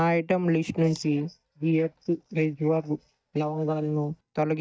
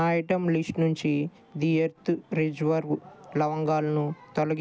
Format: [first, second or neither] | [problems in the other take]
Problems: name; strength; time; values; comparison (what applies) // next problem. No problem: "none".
second | noise reduction (neural mask model DeepFilterNet 3)